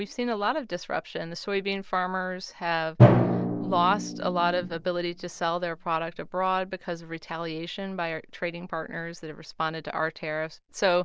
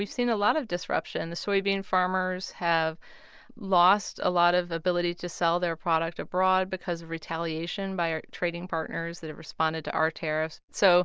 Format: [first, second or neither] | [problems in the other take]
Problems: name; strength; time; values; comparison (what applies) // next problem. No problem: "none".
second | background sound (Drum); 1 dB below the speech